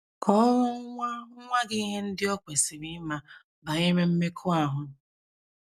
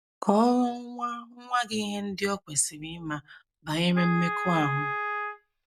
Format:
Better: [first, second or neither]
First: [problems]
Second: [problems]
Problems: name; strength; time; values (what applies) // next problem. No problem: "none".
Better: first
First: none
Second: background sound (Wind instrument, woodwind instrument); 4 dB below the speech